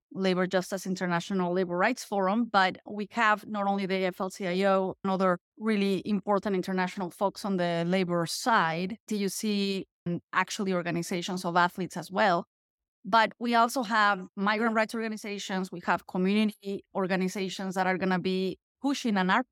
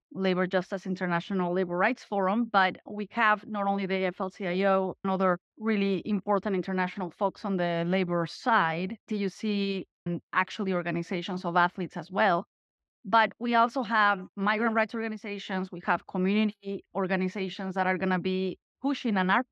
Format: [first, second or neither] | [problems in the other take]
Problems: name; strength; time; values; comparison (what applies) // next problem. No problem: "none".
first | muffled; slightly; fading above 3 kHz